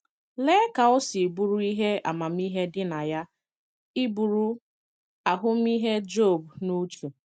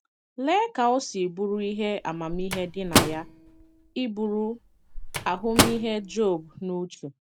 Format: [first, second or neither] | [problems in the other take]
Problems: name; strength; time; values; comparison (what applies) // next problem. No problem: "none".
first | background sound (Microwave oven); 1 dB below the speech